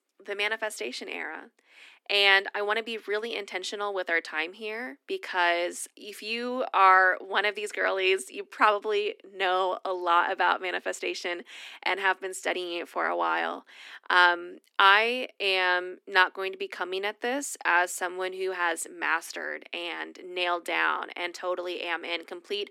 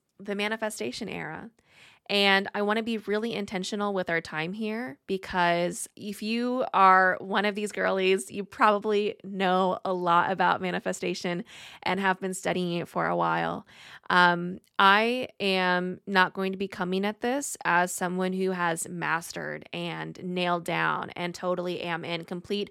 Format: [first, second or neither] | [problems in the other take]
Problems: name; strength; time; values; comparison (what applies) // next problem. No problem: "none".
second | thin; somewhat; fading below 250 Hz